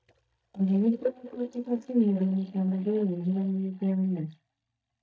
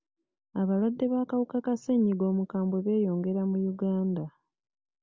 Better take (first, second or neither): second